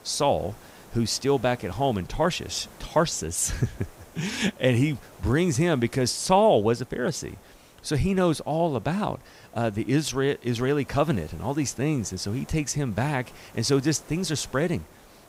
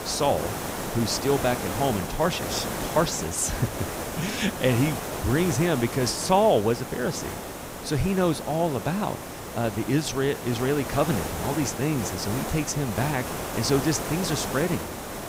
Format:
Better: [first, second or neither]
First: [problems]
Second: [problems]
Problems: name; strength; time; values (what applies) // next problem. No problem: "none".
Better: first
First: hiss; faint; throughout; 25 dB below the speech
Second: hiss; loud; throughout; 6 dB below the speech